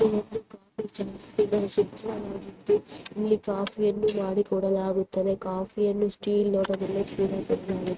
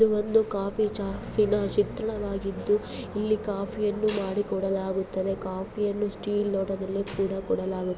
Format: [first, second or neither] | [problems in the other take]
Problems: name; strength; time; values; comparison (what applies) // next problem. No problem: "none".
second | noise reduction (neural mask model RNNoise)